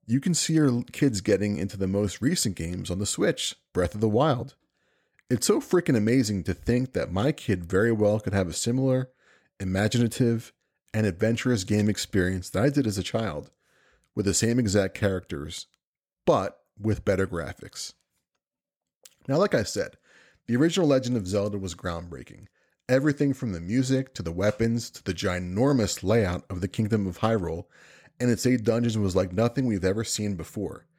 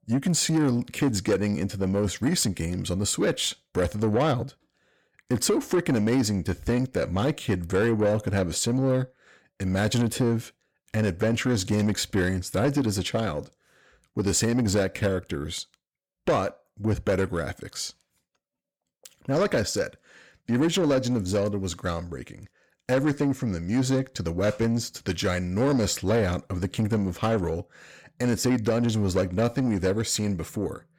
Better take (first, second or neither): first